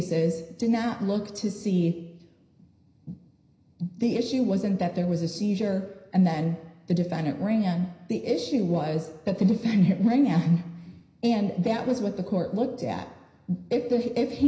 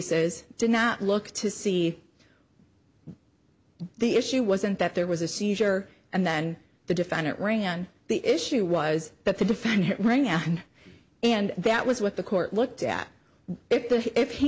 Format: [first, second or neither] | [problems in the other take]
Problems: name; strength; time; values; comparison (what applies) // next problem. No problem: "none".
second | room echo; dies away in 0.9 s